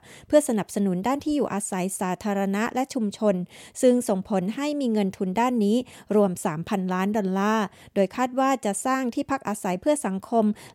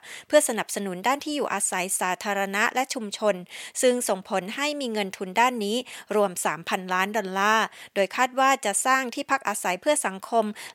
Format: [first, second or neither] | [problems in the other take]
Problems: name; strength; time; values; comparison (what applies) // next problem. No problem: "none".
first | thin; somewhat; fading below 1 kHz